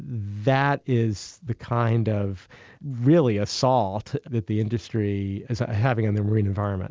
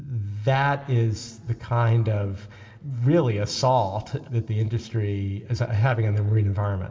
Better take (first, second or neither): first